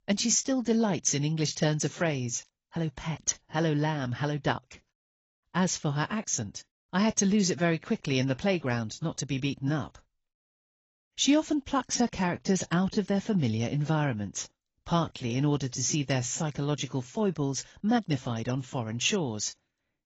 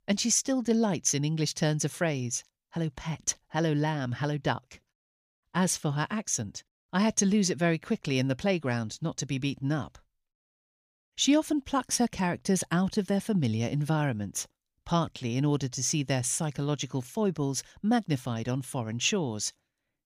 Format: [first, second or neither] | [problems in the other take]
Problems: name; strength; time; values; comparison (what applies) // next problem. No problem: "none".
second | garbled, watery; badly; nothing above 7.5 kHz